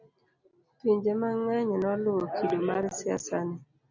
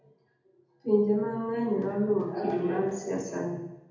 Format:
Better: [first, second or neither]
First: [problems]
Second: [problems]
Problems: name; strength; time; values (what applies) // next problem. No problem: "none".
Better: first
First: none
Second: room echo; dies away in 0.8 s